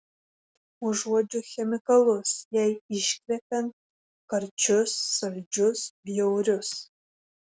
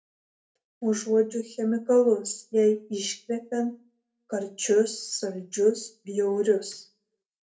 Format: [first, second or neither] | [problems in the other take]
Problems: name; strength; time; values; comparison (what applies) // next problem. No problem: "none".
first | room echo; dies away in 0.3 s